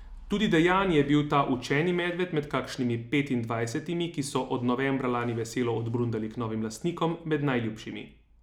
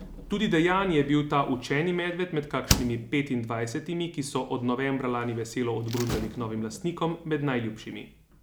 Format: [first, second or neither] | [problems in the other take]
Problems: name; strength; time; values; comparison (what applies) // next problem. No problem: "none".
first | background sound (Slam); 10 dB below the speech